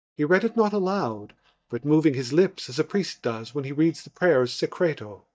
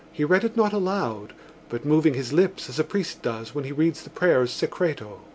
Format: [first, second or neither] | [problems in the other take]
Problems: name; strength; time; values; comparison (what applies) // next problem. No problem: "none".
second | noise reduction (neural mask model DeepFilterNet 3)